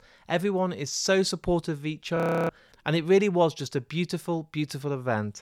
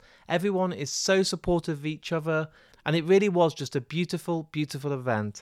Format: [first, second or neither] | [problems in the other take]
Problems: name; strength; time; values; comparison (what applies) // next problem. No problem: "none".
second | audio freezing; at 2 s